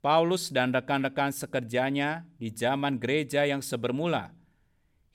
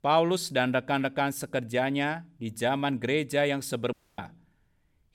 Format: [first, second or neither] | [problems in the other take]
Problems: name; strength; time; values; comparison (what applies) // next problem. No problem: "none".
first | audio cutting out; at 4 s